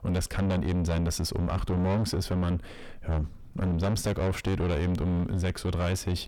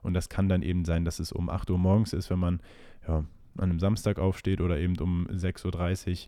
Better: second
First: distortion; heavy; 7 dB below the speech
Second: none

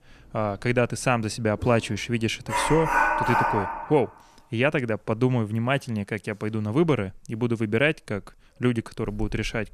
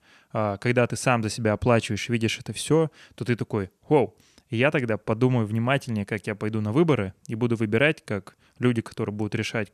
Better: second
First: animal sounds; very loud; throughout; as loud as the speech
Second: none

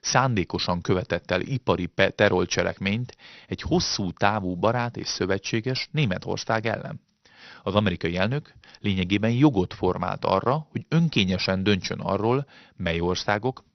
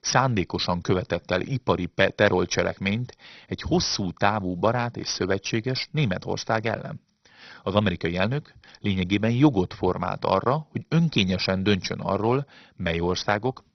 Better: first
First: garbled, watery; slightly; nothing above 6 kHz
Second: garbled, watery; badly; nothing above 6 kHz

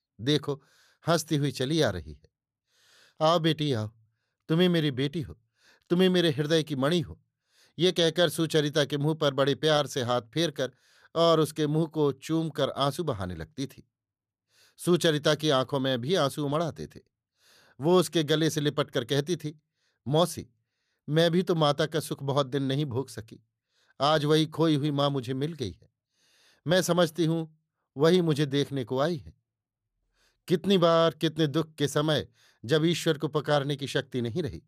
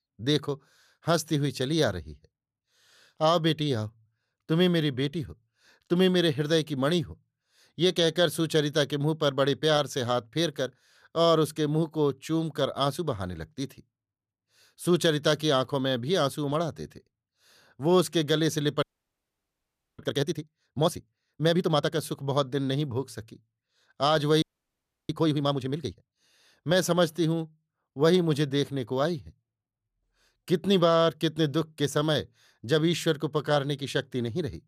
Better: first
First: none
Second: audio freezing; at 19 s for 1 s and at 24 s for 0.5 s

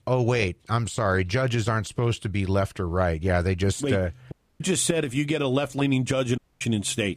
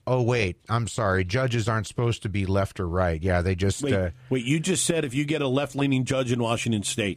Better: second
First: audio cutting out; at 4.5 s and at 6.5 s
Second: none

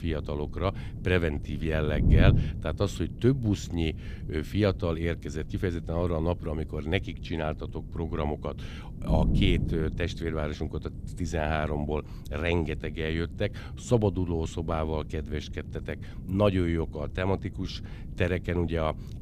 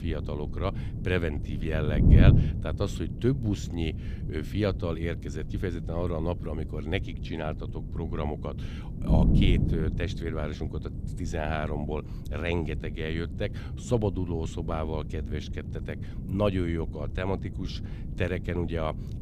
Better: first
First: wind noise on the microphone; occasional gusts; 15 dB below the speech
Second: wind noise on the microphone; heavy; 8 dB below the speech

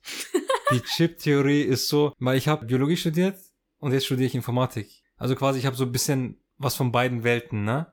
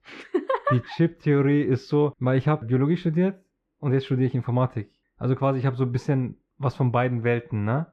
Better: first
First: none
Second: muffled; very; fading above 2 kHz

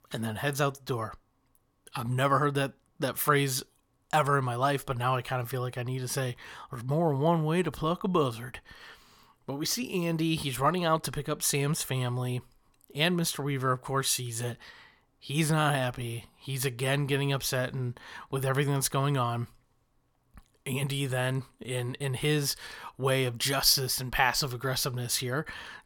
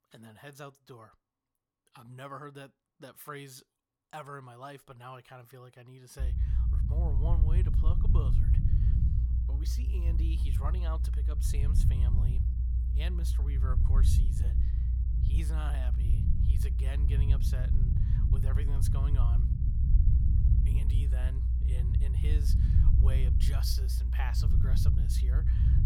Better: first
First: none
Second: low rumble; loud; from 6 s on; as loud as the speech

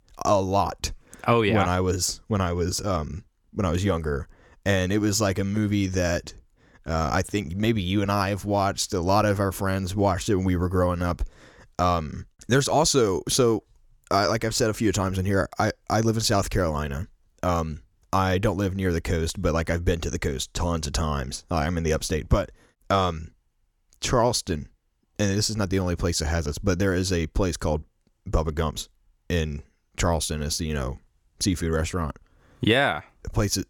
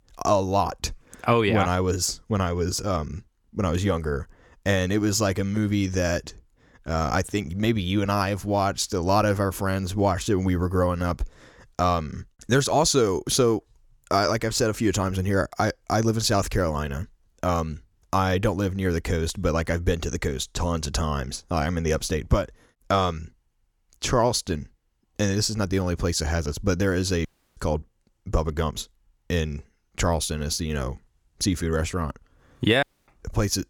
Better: first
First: none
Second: audio cutting out; at 27 s and at 33 s

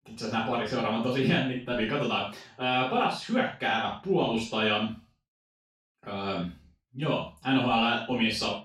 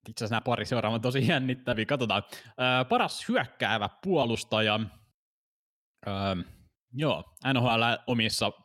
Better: second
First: room echo; noticeable; dies away in 0.3 s // off-mic speech; far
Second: none

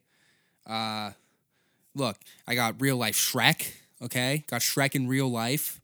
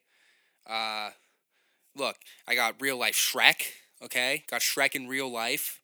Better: first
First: none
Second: thin; somewhat; fading below 500 Hz

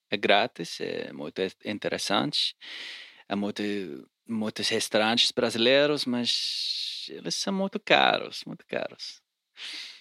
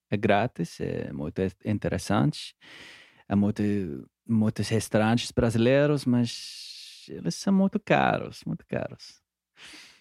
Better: second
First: thin; somewhat; fading below 300 Hz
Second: none

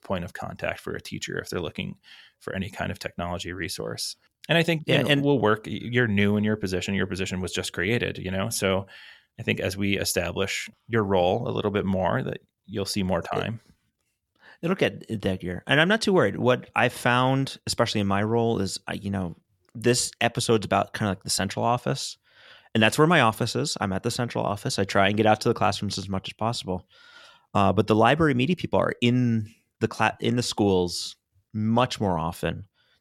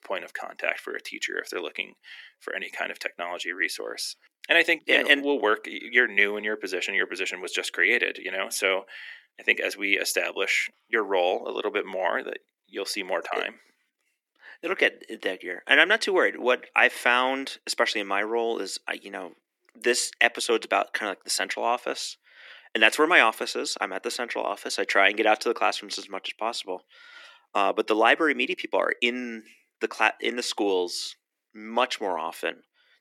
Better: first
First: none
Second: thin; somewhat; fading below 300 Hz

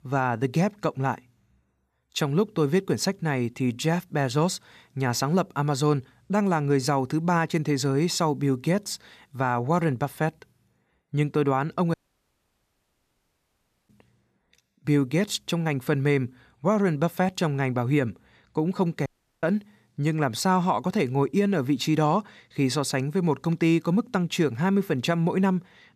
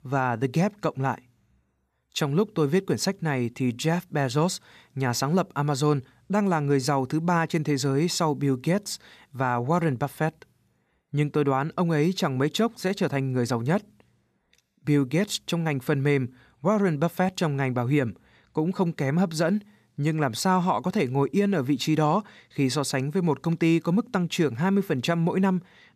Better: second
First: audio cutting out; at 12 s for 2 s and at 19 s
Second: none

